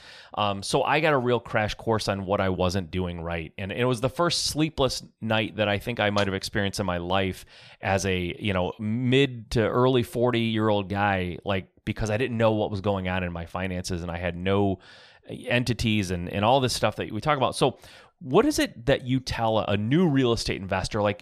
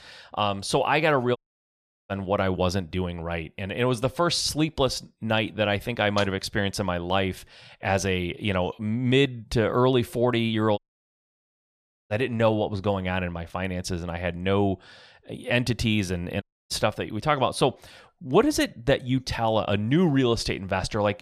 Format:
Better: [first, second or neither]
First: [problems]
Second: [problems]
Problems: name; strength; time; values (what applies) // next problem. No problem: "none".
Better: first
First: none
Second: audio cutting out; at 1.5 s for 0.5 s, at 11 s for 1.5 s and at 16 s